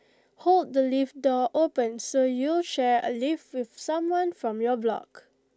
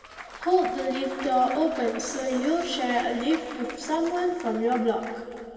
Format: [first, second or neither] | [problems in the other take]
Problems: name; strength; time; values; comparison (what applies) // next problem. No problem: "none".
first | background sound (Applause / Cheering / Clapping); 15 dB below the speech // room echo; dies away in 2.6 s